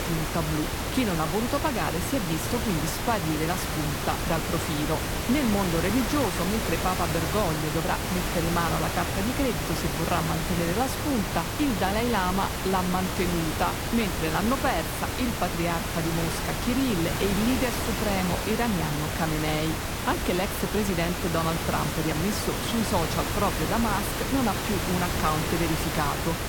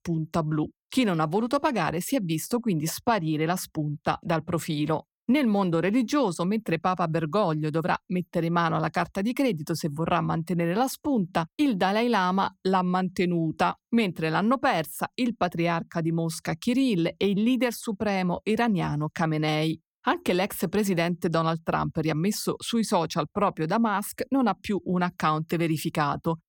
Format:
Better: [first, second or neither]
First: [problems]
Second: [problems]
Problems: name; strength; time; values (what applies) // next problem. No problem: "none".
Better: second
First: hiss; loud; throughout; 1 dB below the speech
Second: none